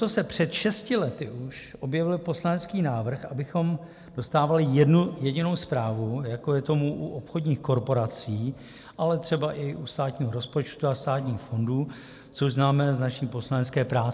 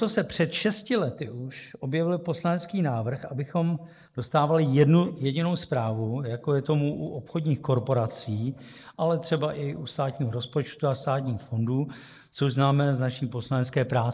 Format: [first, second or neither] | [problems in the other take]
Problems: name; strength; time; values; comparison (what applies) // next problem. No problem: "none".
first | noise reduction (neural mask model Resemble Enhance denoiser)